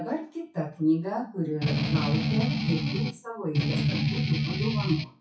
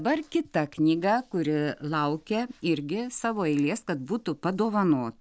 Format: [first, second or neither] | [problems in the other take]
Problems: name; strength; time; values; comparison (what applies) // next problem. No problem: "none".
second | noise reduction (classical method WPE with log-MMSE)